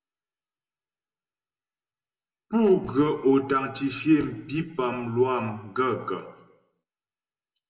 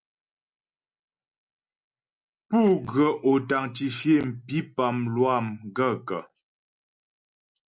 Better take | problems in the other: second | room echo; dies away in 0.8 s

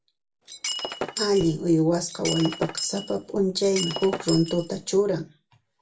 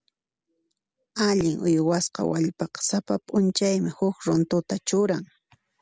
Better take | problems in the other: second | background sound (Shatter); 8 dB below the speech // room echo; dies away in 0.2 s

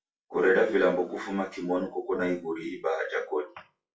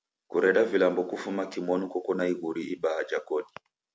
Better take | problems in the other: second | noise reduction (classical method WPE with log-MMSE)

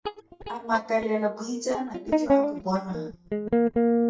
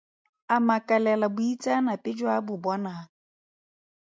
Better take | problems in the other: second | noise reduction (neural mask model DeepFilterNet 3)

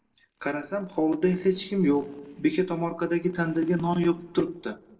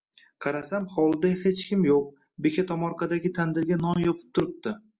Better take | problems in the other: second | noise reduction (neural separator model SepFormer DNS4)

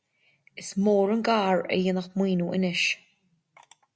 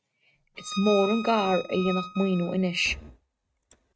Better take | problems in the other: first | noise reduction (neural mask model RNNoise)

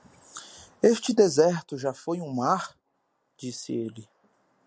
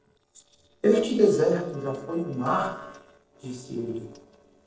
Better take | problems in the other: first | noise reduction (neural separator model SepFormer DNS4)

